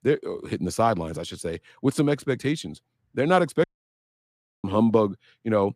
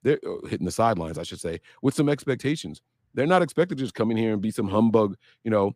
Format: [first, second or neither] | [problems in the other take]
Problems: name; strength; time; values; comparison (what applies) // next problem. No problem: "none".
second | audio cutting out; at 3.5 s for 1 s